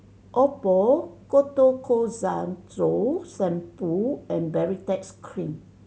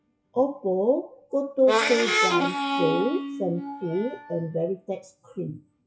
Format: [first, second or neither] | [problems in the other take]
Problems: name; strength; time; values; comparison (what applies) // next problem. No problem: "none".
first | noise reduction (classical method WPE with log-MMSE)